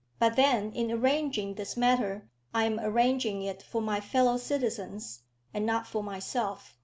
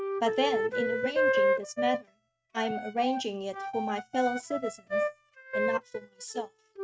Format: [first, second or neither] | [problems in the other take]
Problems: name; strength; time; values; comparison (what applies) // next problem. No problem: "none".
first | noise reduction (neural mask model RNNoise)